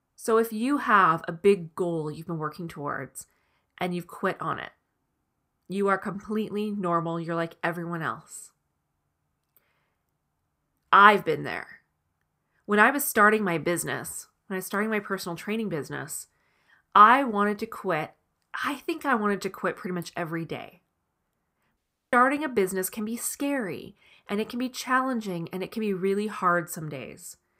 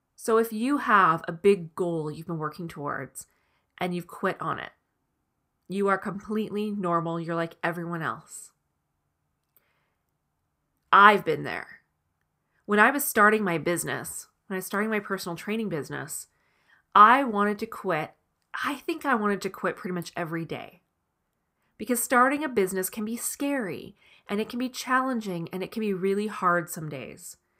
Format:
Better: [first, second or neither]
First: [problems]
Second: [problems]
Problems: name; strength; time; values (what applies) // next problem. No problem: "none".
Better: second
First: audio cutting out; at 22 s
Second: none